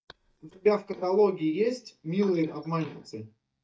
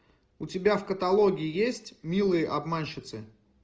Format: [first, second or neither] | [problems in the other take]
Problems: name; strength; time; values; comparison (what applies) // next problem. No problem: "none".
second | noise reduction (neural mask model DeepFilterNet 3)